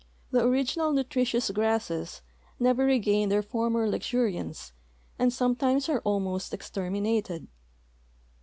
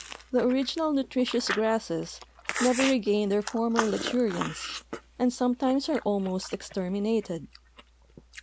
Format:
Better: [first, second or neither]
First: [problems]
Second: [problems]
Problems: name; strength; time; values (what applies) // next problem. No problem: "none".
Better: first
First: none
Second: background sound (Chewing, mastication); 10 dB below the speech